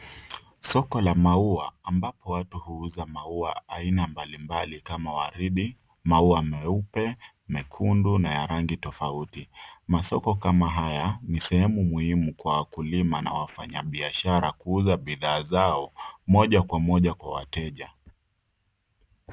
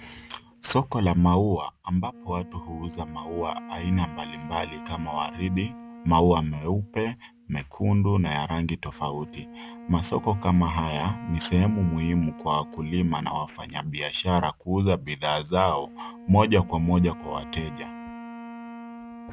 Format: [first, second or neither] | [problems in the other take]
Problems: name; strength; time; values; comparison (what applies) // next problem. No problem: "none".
first | background sound (Wind instrument, woodwind instrument); 16 dB below the speech